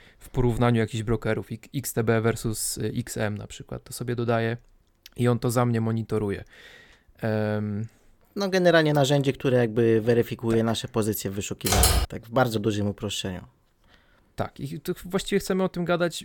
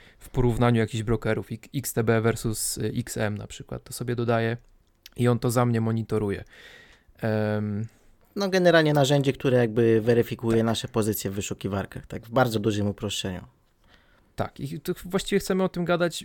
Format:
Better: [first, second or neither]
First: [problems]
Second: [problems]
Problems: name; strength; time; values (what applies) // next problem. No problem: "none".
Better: second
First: keyboard typing; loud; at 12 s; peak 5 dB above the speech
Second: none